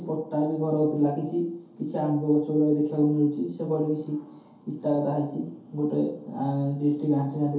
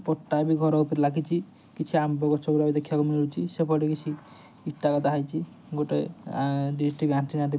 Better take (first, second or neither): second